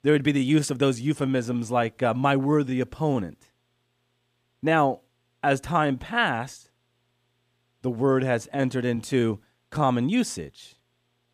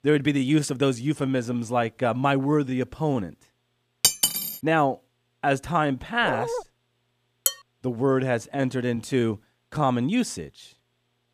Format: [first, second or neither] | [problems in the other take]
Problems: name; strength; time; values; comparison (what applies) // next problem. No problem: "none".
first | clattering dishes; loud; at 4 s; peak 5 dB above the speech // dog barking; noticeable; at 6 s; peak 4 dB below the speech // clattering dishes; very faint; at 7.5 s; peak 1 dB below the speech